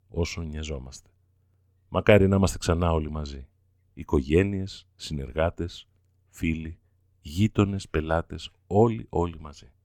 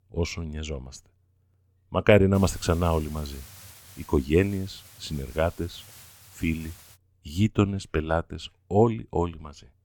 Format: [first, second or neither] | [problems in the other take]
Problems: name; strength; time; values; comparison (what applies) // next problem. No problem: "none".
first | hiss; faint; from 2.5 to 7 s; 20 dB below the speech